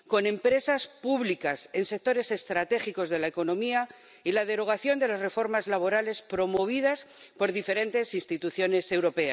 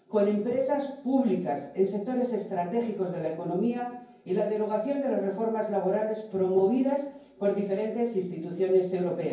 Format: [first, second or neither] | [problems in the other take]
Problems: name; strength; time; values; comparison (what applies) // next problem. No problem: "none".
first | room echo; dies away in 0.9 s